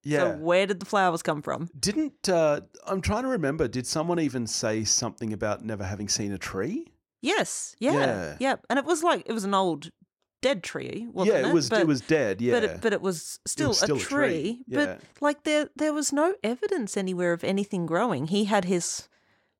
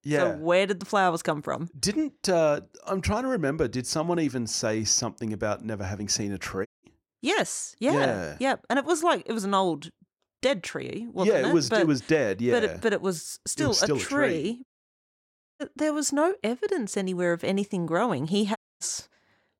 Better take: first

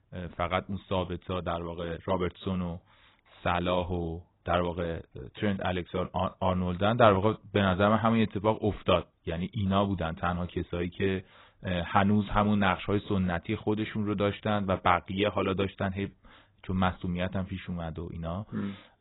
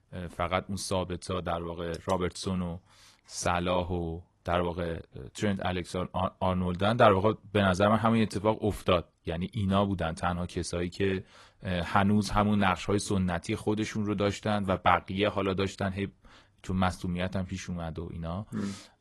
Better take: second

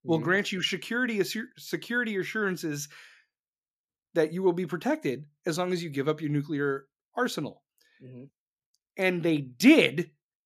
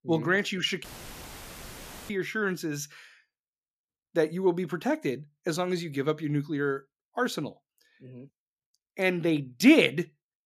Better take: first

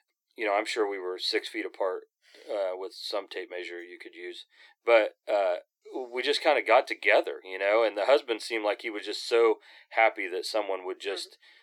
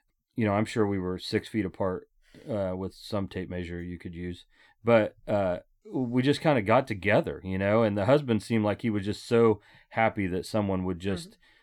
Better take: second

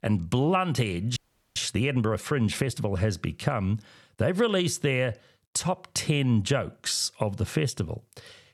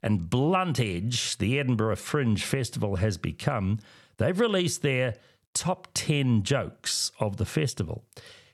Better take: second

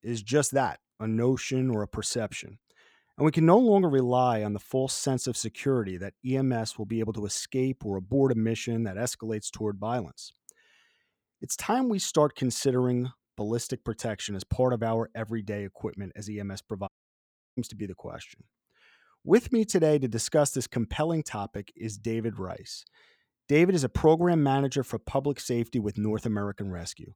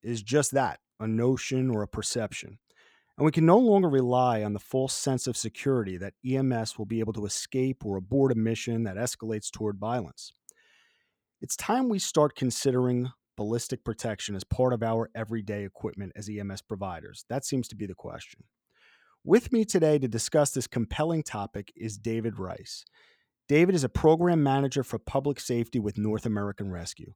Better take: second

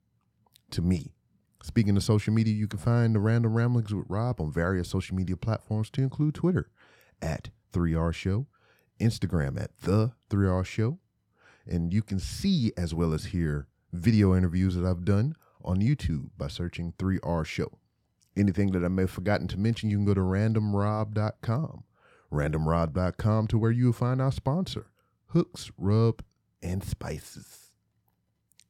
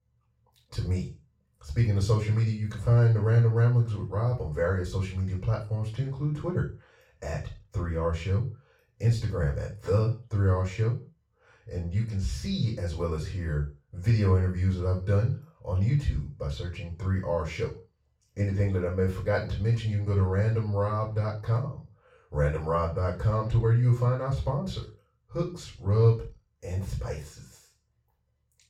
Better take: first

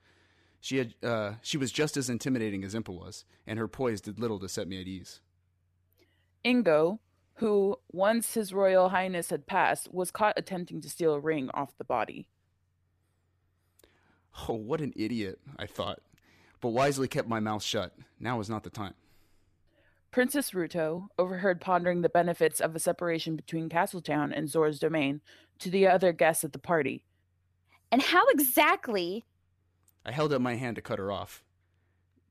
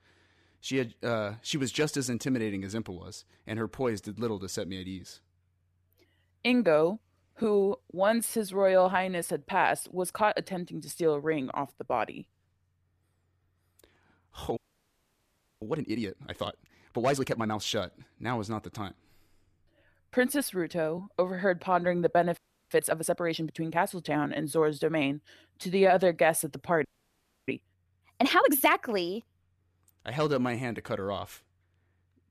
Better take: first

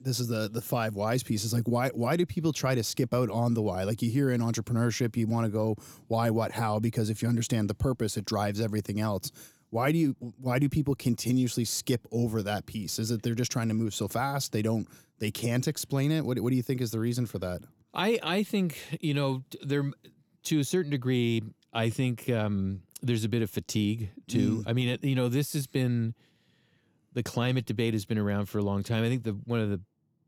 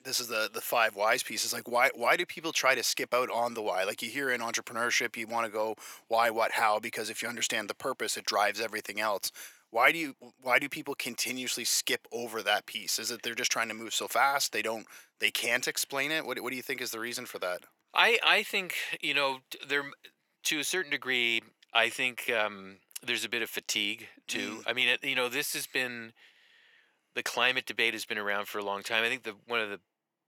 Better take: first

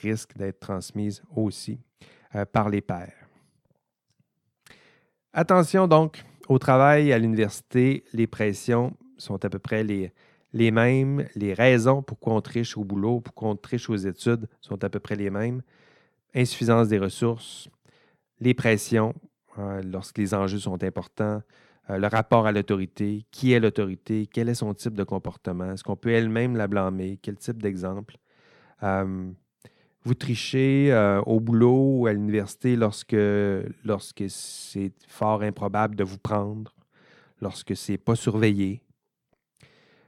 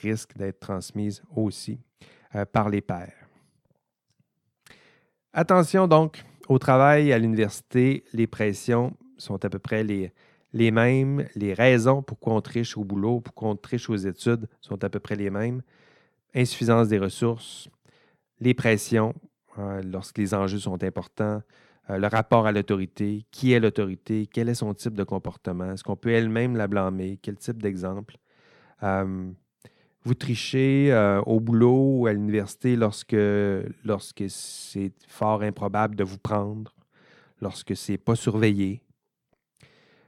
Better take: neither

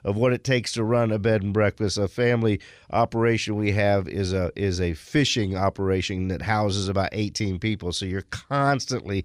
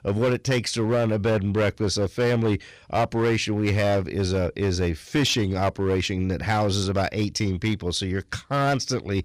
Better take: first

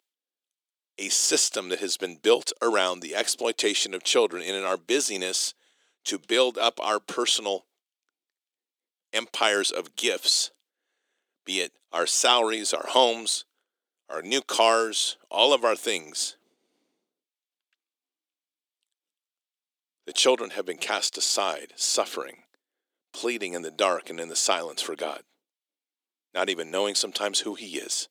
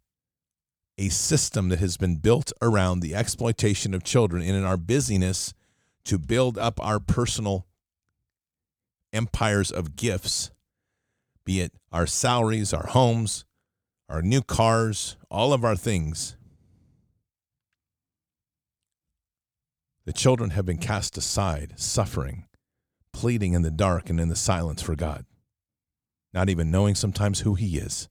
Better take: second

